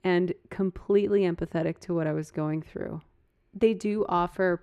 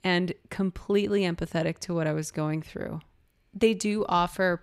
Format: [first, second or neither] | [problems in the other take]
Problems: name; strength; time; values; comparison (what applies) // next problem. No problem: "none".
second | muffled; slightly; fading above 2.5 kHz